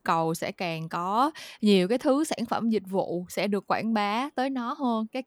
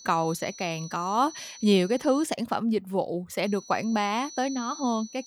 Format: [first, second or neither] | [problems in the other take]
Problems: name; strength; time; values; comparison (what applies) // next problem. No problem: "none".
first | high-pitched whine; noticeable; until 2 s and from 3.5 s on; 6 kHz, 15 dB below the speech